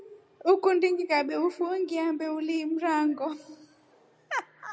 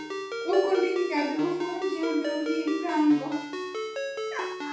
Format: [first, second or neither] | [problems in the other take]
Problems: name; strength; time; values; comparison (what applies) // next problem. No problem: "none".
first | background sound (Ringtone); 5 dB below the speech // room echo; dies away in 0.4 s